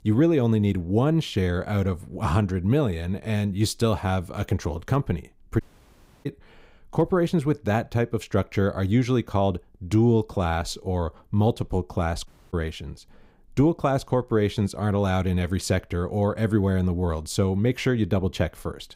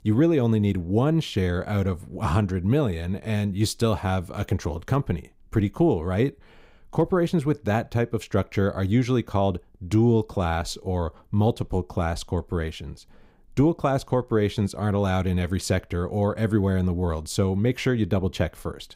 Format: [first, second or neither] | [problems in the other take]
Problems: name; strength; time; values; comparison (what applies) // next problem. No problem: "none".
second | audio cutting out; at 5.5 s for 0.5 s and at 12 s